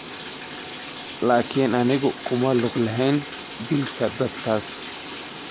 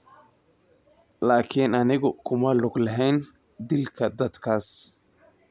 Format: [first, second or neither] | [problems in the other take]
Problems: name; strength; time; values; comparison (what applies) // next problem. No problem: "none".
second | background sound (Bathtub (filling or washing)); 11 dB below the speech